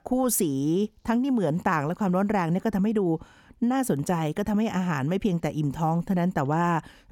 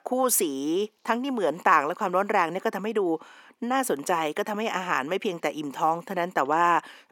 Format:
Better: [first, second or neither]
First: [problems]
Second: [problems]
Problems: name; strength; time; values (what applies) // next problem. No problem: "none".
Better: first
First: none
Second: thin; somewhat; fading below 350 Hz